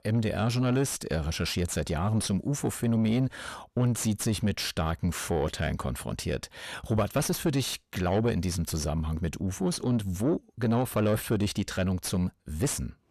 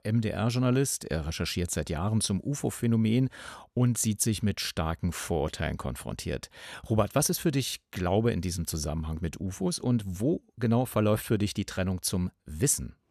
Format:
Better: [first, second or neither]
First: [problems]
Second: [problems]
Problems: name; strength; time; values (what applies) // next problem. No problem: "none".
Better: second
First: distortion; slight; 9 dB below the speech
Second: none